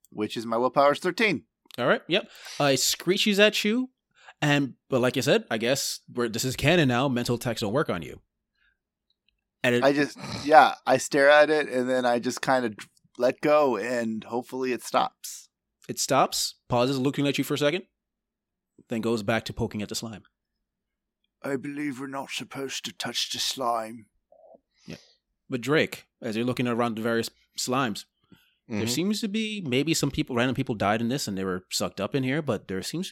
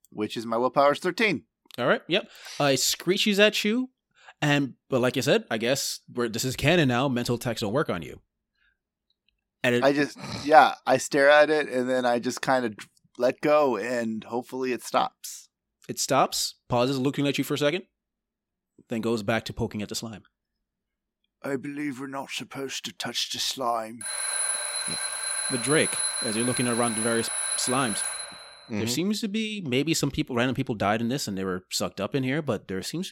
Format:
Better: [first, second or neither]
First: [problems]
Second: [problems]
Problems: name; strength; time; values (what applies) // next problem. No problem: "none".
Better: first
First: none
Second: alarm; loud; from 24 to 28 s; peak level with the speech